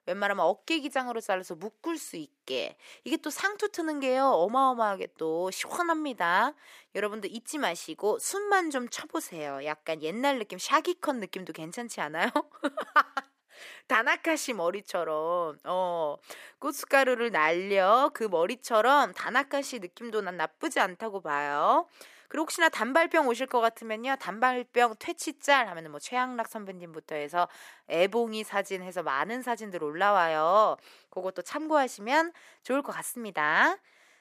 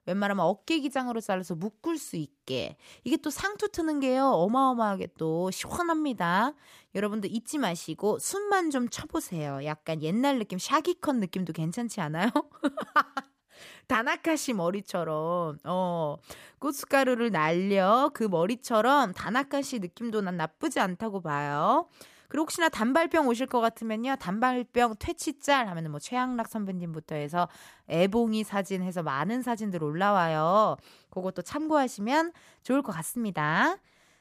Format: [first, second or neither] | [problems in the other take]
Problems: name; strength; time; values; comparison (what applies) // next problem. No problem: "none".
second | thin; somewhat; fading below 400 Hz